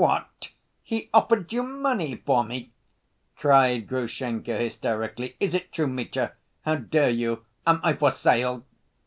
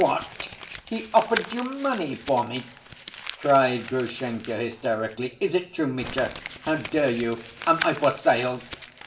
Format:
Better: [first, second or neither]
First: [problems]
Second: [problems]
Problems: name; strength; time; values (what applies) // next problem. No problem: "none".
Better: first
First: none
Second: background sound (Crumpling, crinkling); 13 dB below the speech // room echo; dies away in 1.3 s